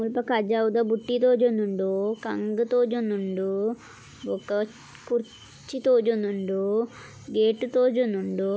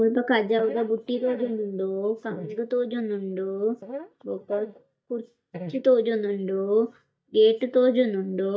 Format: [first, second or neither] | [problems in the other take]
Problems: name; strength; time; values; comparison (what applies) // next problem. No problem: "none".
first | noise reduction (neural mask model DeepFilterNet 3)